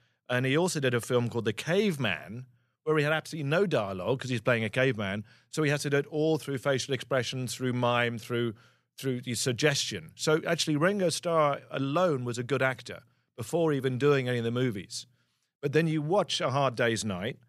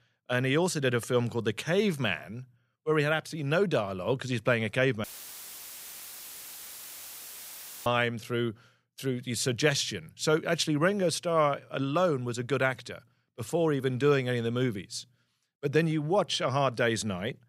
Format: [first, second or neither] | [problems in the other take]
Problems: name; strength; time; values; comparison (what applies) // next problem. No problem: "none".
first | audio cutting out; filled with static; at 5 s for 3 s